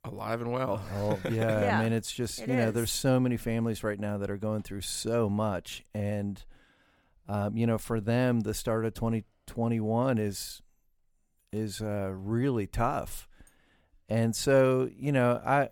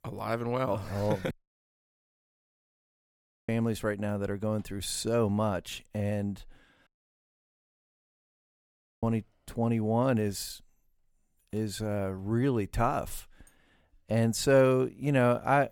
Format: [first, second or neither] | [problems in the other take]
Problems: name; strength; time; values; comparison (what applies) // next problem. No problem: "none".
first | audio cutting out; at 1.5 s for 2 s and at 7 s for 2 s